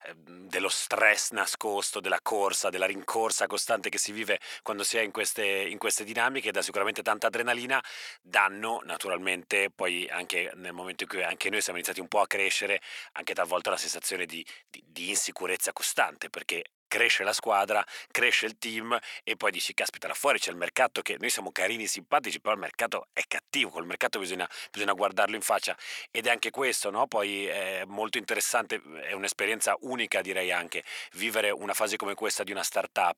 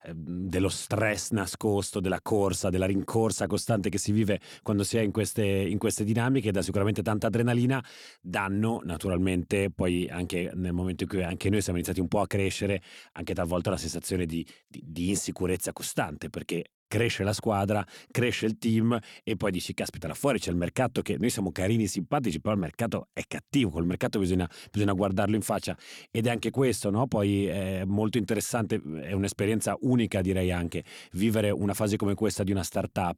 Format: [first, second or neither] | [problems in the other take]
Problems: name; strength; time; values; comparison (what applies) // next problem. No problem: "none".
second | thin; very; fading below 800 Hz